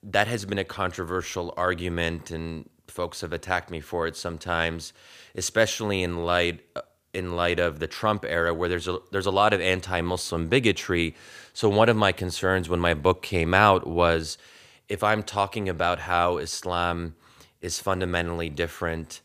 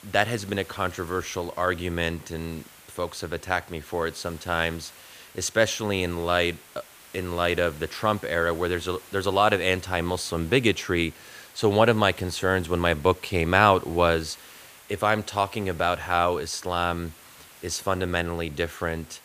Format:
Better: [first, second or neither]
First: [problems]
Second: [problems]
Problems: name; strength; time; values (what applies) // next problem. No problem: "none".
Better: first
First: none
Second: hiss; faint; throughout; 20 dB below the speech